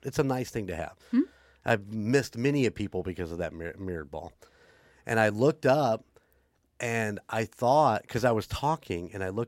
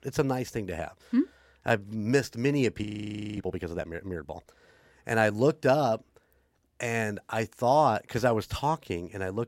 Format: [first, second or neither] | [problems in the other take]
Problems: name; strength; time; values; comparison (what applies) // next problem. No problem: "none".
first | audio freezing; at 3 s for 0.5 s